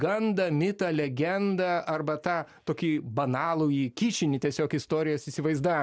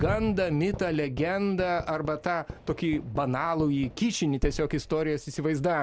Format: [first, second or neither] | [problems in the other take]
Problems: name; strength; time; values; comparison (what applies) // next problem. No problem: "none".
first | background sound (Fireworks); 11 dB below the speech